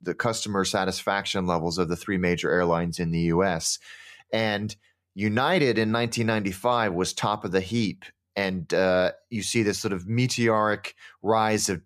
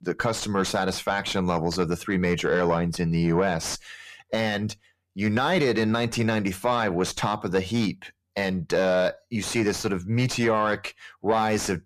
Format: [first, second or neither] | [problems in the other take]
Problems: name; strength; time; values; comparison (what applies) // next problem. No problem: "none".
first | distortion; slight; 10 dB below the speech